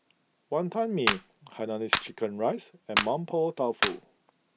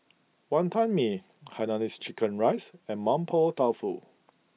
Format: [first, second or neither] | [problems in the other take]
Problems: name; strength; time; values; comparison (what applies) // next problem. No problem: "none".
second | background sound (Clapping); 1 dB below the speech